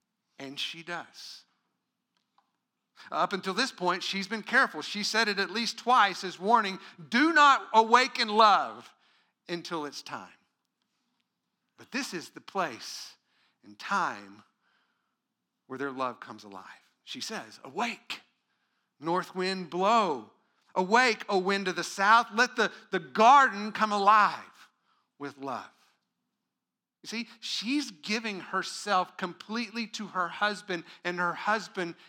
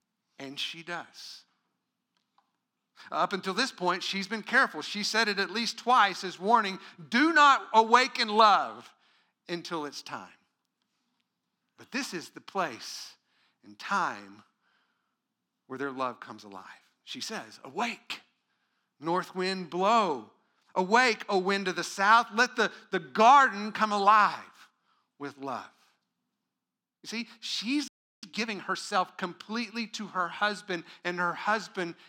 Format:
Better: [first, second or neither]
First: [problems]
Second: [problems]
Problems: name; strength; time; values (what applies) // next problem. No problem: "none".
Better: first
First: none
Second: audio freezing; at 28 s